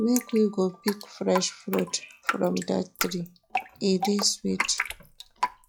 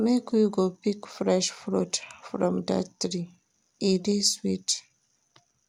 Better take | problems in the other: second | noise reduction (classical method log-MMSE)

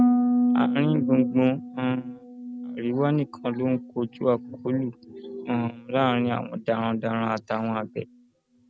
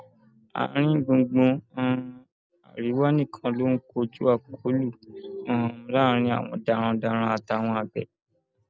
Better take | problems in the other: second | background sound (Harp); 3 dB below the speech

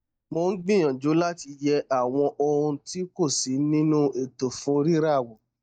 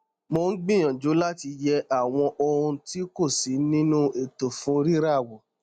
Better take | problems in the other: second | noise reduction (neural mask model DeepFilterNet 3)

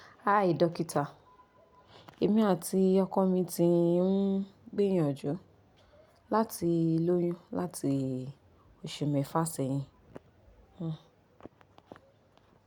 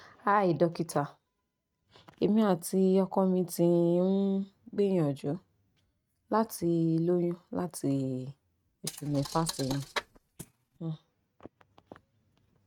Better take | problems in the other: first | noise reduction (neural mask model RNNoise)

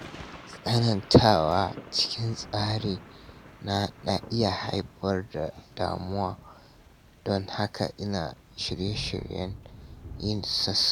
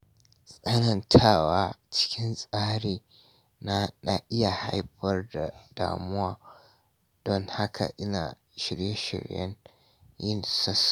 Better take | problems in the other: second | background sound (Thunder / Rain); 17 dB below the speech

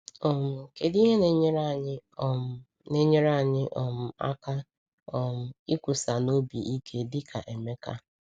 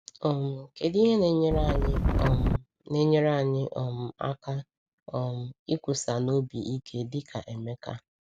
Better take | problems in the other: first | background sound (Wind); 4 dB above the speech

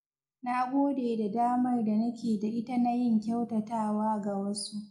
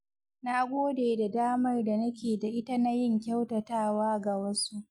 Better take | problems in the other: second | room echo; dies away in 0.3 s

